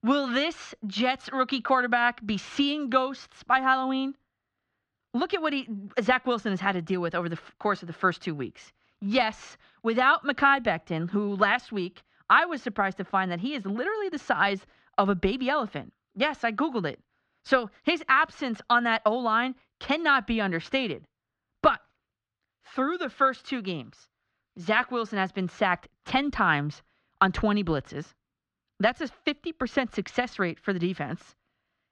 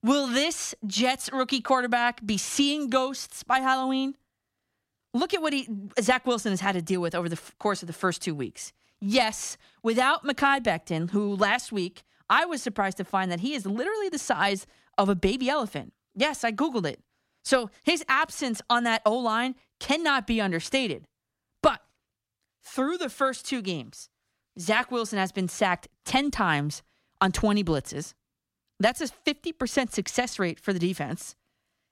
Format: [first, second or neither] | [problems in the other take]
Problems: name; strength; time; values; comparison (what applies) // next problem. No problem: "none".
second | muffled; slightly; fading above 3.5 kHz